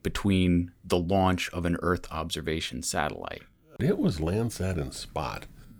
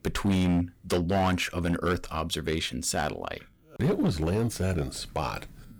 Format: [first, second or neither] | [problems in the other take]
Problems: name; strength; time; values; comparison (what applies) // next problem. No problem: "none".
first | distortion; slight; 7% of the sound clipped